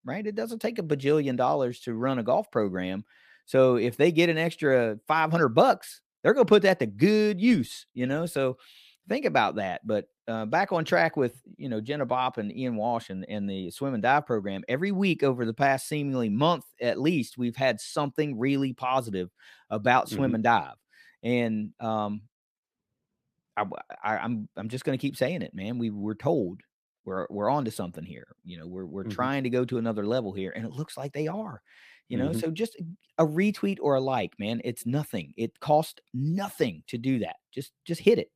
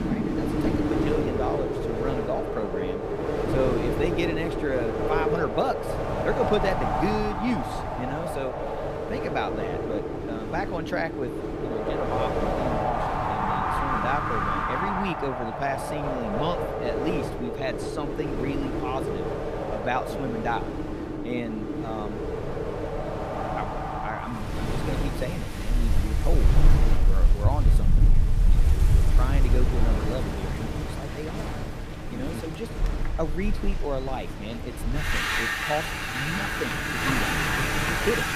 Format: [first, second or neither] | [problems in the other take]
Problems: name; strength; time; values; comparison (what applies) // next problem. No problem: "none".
first | wind in the background; very loud; throughout; 4 dB above the speech